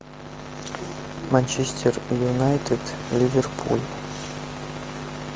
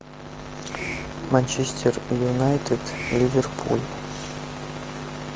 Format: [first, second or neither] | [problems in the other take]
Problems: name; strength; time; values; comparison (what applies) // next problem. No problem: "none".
first | background sound (Hiss); 15 dB below the speech